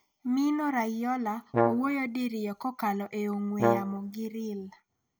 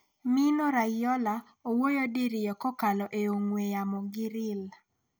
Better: second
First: background sound (Brass instrument); as loud as the speech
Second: none

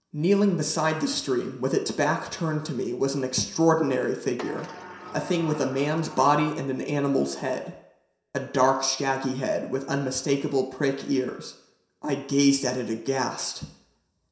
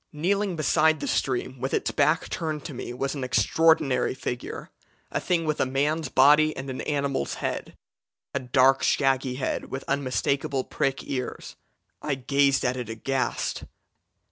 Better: second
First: background sound (Sliding door); 16 dB below the speech // room echo; dies away in 0.7 s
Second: none

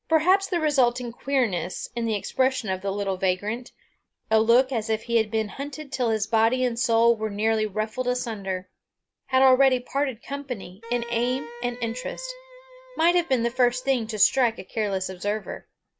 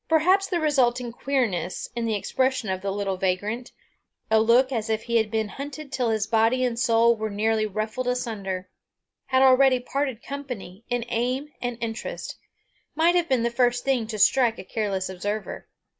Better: second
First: background sound (Wind instrument, woodwind instrument); 17 dB below the speech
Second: none

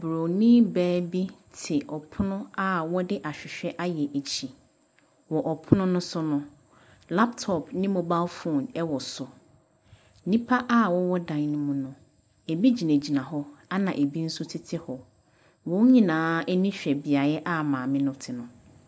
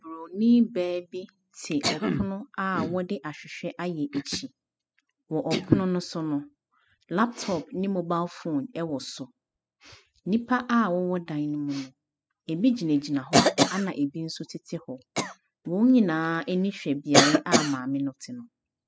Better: first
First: none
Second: noise reduction (classical method spectral subtraction)

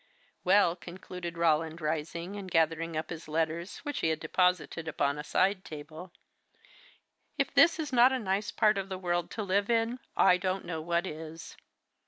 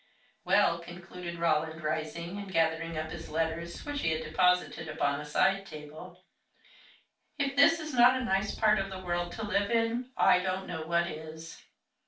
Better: first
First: none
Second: background sound (Wind); 15 dB below the speech // room echo; dies away in 0.2 s

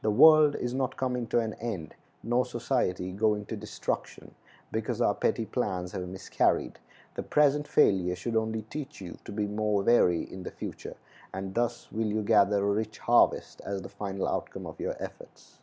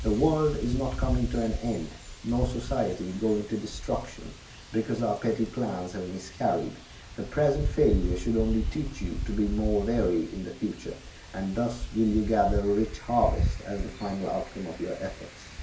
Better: first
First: none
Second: background sound (Wind); 5 dB below the speech // room echo; dies away in 0.3 s

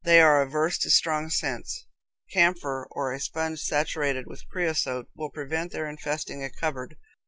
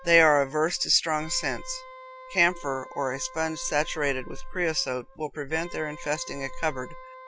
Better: first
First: none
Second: background sound (Wind instrument, woodwind instrument); 18 dB below the speech

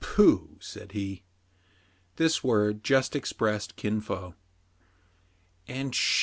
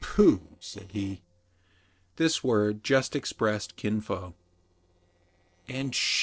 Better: first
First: none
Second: noise reduction (neural separator model SepFormer DNS4)

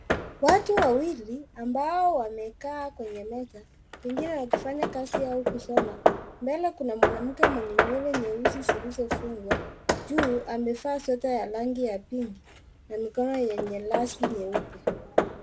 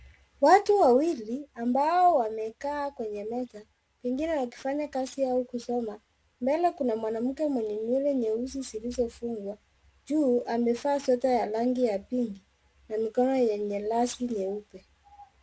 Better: second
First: background sound (Hammer / Wood); 1 dB below the speech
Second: none

